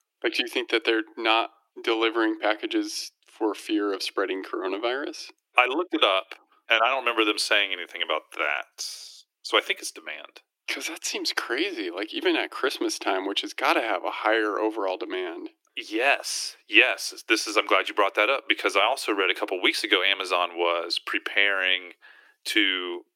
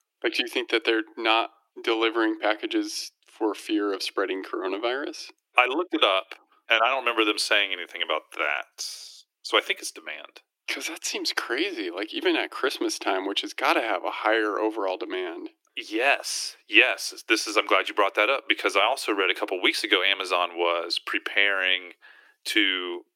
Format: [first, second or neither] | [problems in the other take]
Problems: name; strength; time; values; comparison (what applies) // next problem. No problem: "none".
neither | thin; very; fading below 300 Hz; the same in both